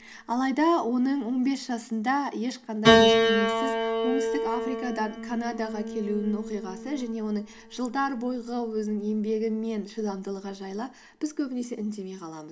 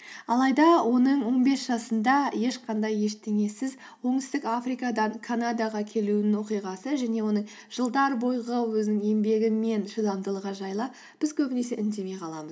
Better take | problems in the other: second | background sound (Piano); as loud as the speech

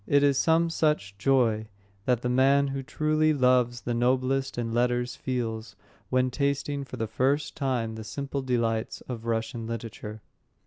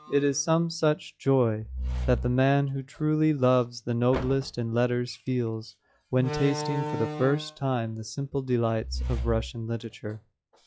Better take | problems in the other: first | noise reduction (classical method log-MMSE)

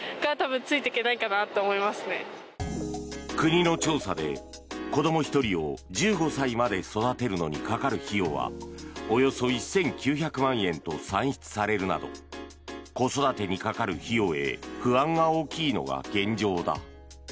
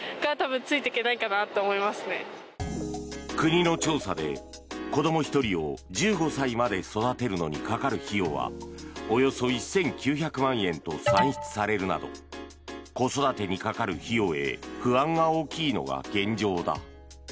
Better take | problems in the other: first | background sound (Alarm); 1 dB below the speech

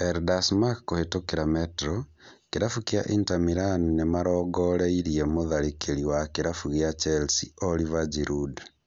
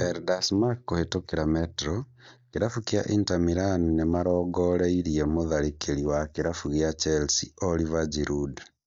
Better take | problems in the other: first | noise reduction (neural mask model DeepFilterNet 3)

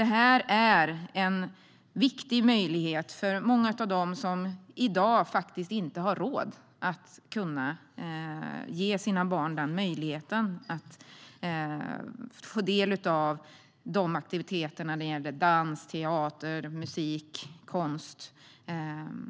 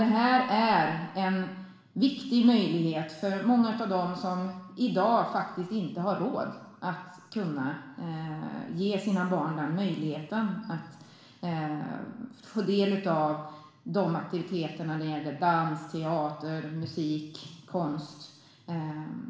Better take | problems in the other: first | room echo; dies away in 0.9 s

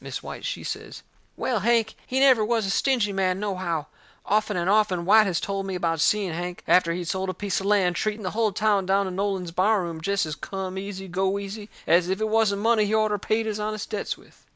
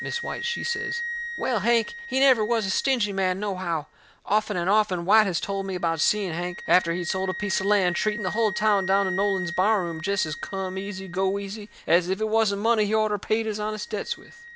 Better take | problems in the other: first | background sound (Wind instrument, woodwind instrument); 11 dB below the speech

